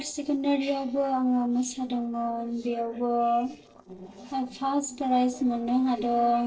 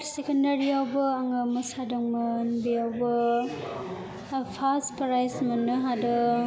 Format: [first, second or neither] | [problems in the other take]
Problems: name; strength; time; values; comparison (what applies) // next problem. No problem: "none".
second | noise reduction (neural separator model SepFormer DNS4)